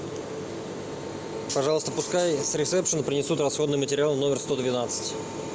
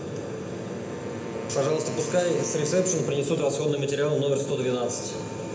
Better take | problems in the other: first | background sound (Wind instrument, woodwind instrument); 15 dB below the speech // room echo; dies away in 0.7 s

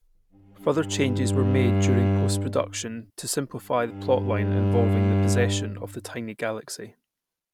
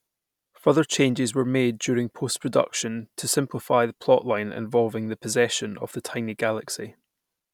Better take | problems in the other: second | background sound (Bowed string instrument); 4 dB above the speech

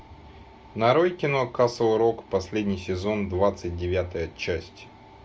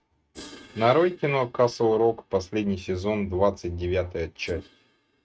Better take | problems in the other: first | noise reduction (neural mask model RNNoise)

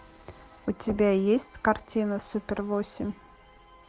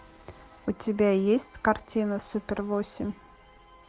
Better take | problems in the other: second | background sound (Knock); 16 dB below the speech

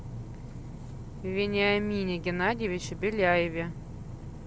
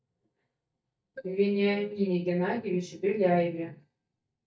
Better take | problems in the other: first | noise reduction (neural mask model DeepFilterNet 3)

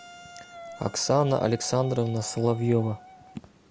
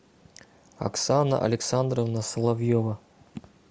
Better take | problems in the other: second | background sound (Wind instrument, woodwind instrument); 19 dB below the speech

